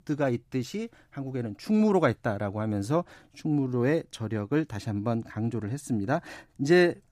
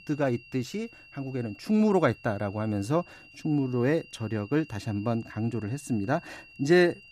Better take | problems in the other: first | high-pitched whine; faint; throughout; 2.5 kHz, 20 dB below the speech

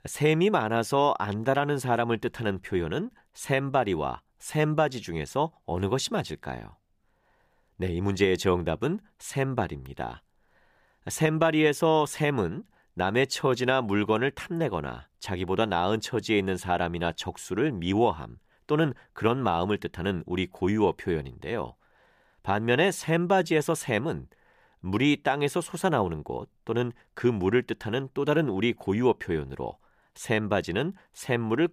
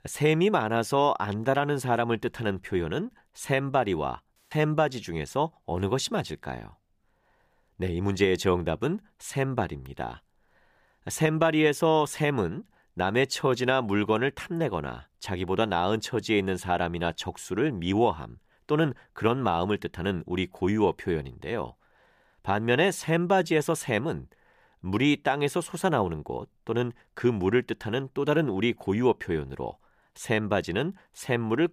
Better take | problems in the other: first | audio cutting out; at 4.5 s

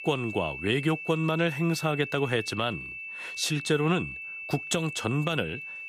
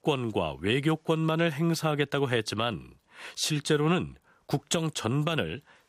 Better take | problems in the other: second | high-pitched whine; loud; throughout; 2.5 kHz, 8 dB below the speech

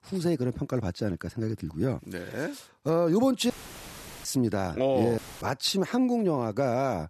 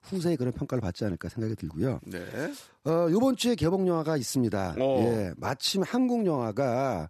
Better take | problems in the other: second | audio cutting out; filled with static; at 3.5 s for 1 s and at 5 s

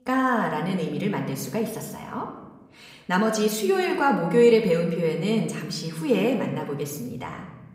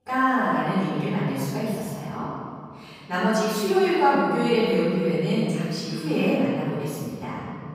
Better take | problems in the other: first | room echo; strong; dies away in 2.5 s; slight in the first // off-mic speech; far; somewhat distant in the first

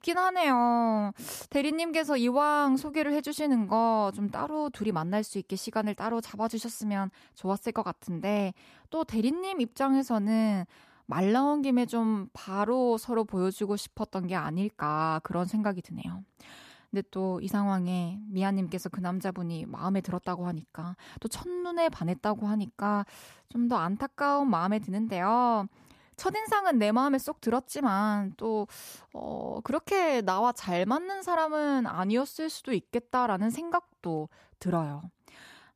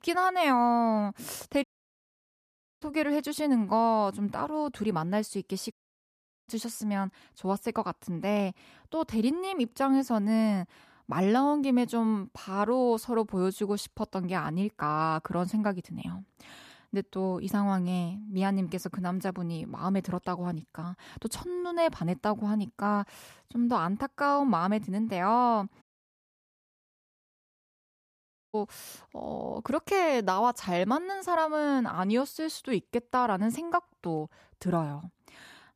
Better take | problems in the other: first | audio cutting out; at 1.5 s for 1 s, at 5.5 s for 1 s and at 26 s for 2.5 s

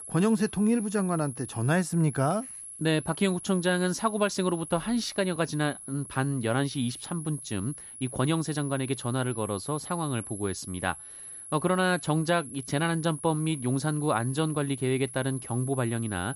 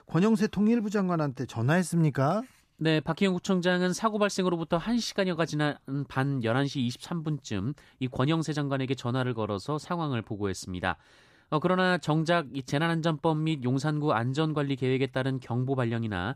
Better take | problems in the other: second | high-pitched whine; noticeable; throughout; 11 kHz, 10 dB below the speech

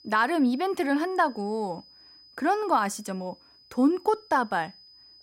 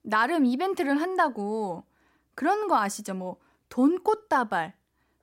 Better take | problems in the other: second | high-pitched whine; faint; throughout; 5 kHz, 25 dB below the speech

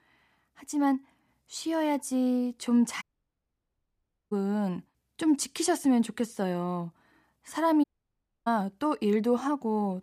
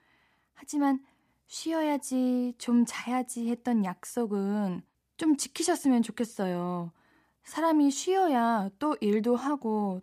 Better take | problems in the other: second | audio cutting out; at 3 s for 1.5 s and at 8 s for 0.5 s

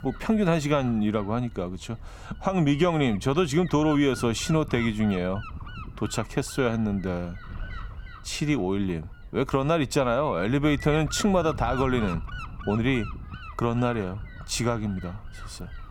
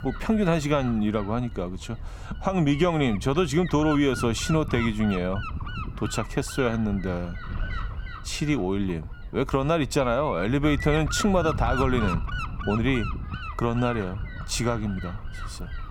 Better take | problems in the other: first | wind noise on the microphone; heavy; 9 dB below the speech; occasional gusts in the first

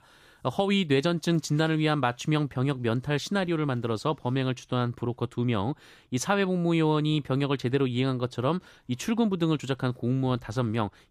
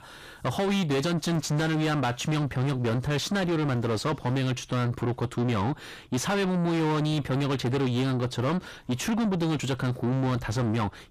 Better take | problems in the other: first | distortion; heavy; 6 dB below the speech

